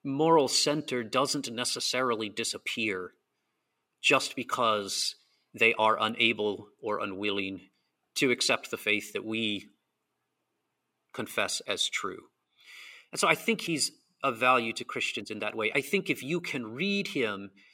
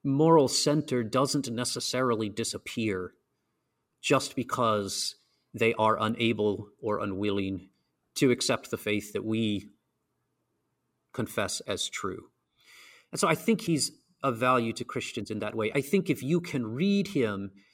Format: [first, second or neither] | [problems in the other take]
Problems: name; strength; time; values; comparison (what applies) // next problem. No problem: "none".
second | thin; very slightly; fading below 650 Hz